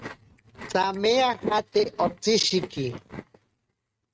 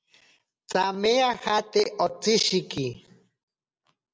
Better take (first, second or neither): second